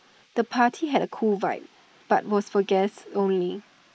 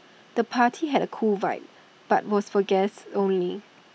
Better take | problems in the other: second | noise reduction (neural mask model Resemble Enhance denoiser)

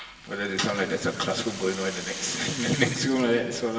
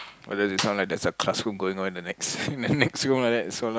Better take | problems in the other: second | background sound (Rattle (instrument)); 12 dB below the speech // room echo; dies away in 1.9 s

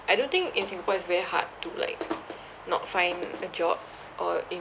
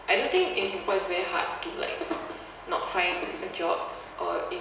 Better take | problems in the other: first | background sound (Dog); 18 dB below the speech // room echo; dies away in 0.9 s

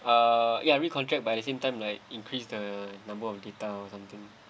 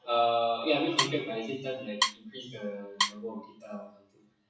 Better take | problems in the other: first | noise reduction (classical method WPE with log-MMSE)

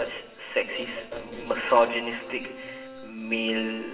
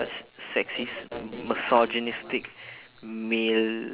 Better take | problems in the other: second | background sound (Bowed string instrument); 18 dB below the speech // room echo; dies away in 1.1 s

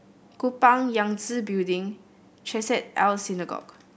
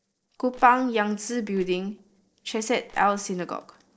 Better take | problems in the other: first | noise reduction (neural separator model SepFormer DNS4)

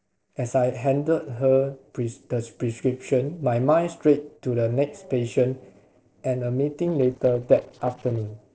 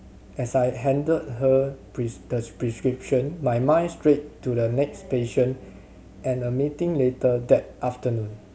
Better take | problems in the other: second | noise reduction (neural separator model SepFormer DNS4)

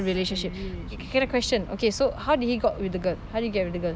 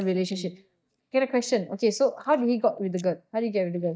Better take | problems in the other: first | noise reduction (neural mask model DeepFilterNet 3)

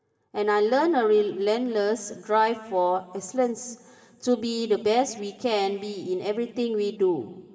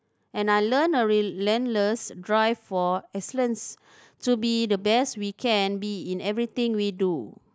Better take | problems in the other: second | room echo; dies away in 2.4 s

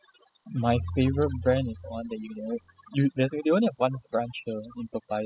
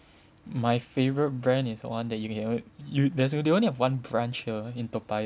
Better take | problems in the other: second | noise reduction (classical method spectral subtraction)

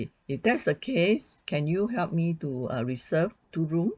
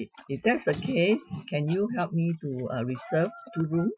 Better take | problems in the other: first | noise reduction (classical method Wiener filter)

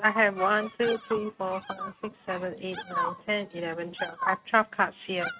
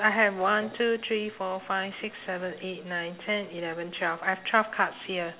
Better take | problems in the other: second | noise reduction (neural mask model RNNoise)

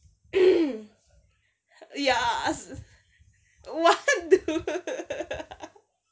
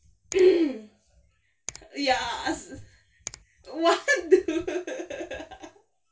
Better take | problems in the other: first | background sound (Finger snapping); 20 dB below the speech // room echo; dies away in 0.2 s

